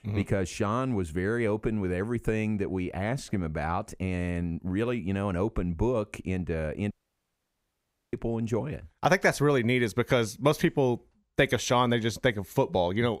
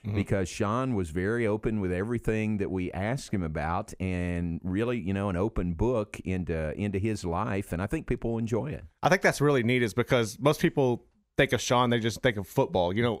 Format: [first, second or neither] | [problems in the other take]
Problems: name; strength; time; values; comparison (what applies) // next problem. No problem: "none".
second | audio cutting out; at 7 s for 1 s